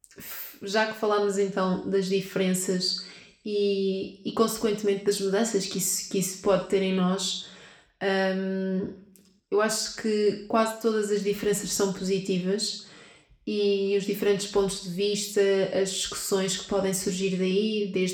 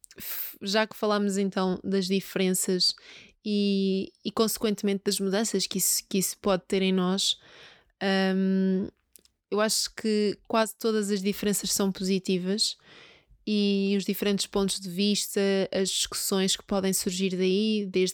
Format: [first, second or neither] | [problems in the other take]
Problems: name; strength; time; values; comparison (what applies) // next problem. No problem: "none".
second | room echo; slight; dies away in 0.6 s // off-mic speech; somewhat distant